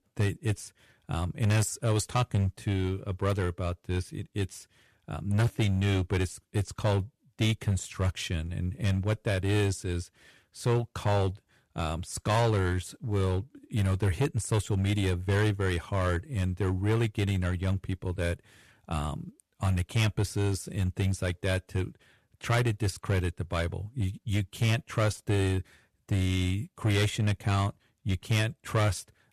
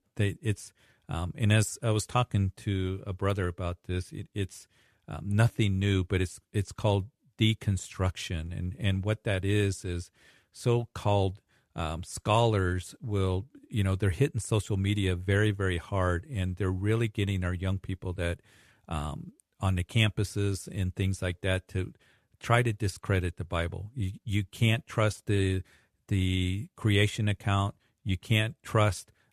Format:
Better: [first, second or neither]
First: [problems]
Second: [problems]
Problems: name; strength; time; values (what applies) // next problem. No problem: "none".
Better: second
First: distortion; slight; 7% of the sound clipped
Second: none